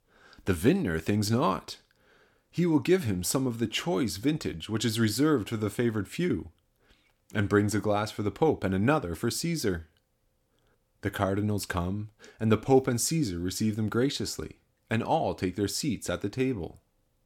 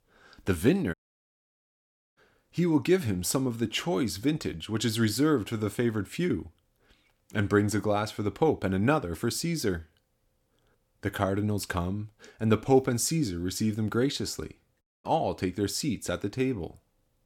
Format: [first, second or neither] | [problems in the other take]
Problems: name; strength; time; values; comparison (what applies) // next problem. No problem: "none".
first | audio cutting out; at 1 s for 1 s and at 15 s